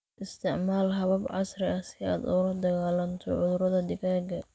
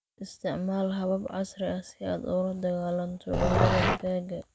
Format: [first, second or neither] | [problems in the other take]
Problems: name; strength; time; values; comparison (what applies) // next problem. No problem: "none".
first | background sound (Growling); 4 dB above the speech